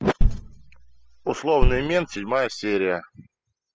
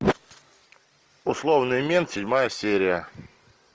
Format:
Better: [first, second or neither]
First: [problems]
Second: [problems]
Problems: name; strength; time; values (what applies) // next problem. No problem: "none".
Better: second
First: noise reduction (classical method spectral subtraction)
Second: none